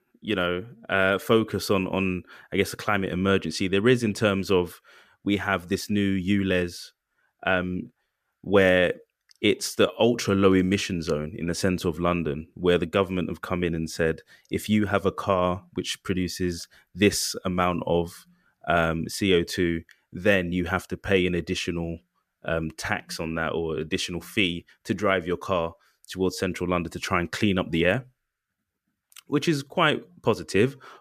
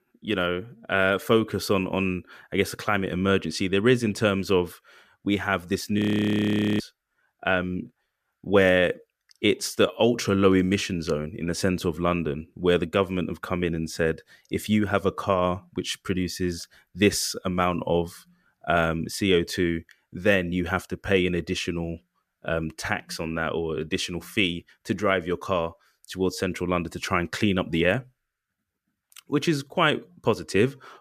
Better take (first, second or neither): first